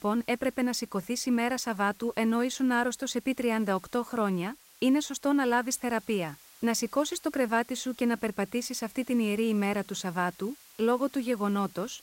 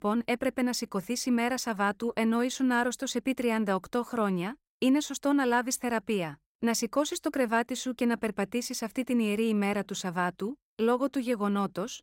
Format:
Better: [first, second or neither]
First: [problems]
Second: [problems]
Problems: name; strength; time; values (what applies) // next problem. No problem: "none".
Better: second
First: hiss; faint; throughout; 25 dB below the speech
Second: none